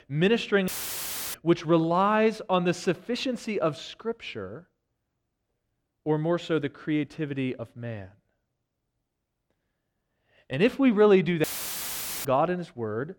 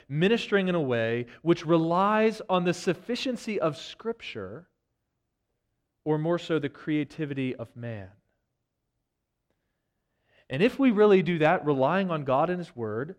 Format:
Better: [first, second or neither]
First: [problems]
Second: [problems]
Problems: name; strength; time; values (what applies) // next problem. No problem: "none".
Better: second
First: audio cutting out; filled with static; at 0.5 s for 0.5 s and at 11 s for 1 s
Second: none